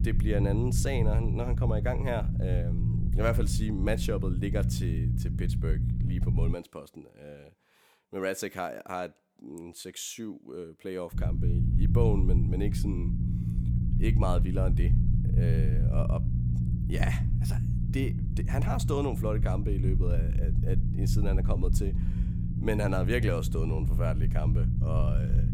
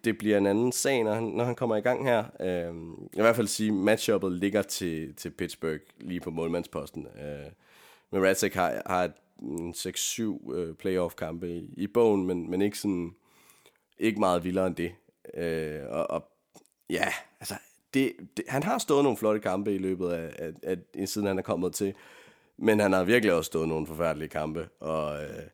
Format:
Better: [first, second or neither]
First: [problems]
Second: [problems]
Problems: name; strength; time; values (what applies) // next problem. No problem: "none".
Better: second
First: low rumble; loud; until 6.5 s and from 11 s on; 5 dB below the speech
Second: none